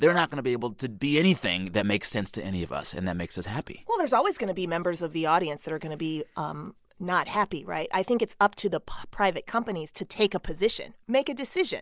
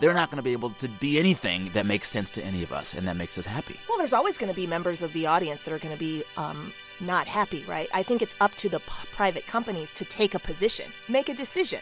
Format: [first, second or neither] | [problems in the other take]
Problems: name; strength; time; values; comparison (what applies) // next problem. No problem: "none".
first | background sound (Musical instrument); 18 dB below the speech